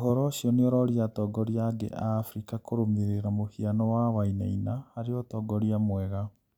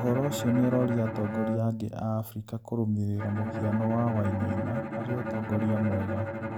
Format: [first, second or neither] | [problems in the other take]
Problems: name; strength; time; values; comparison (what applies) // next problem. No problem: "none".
first | background sound (Bowed string instrument); 5 dB below the speech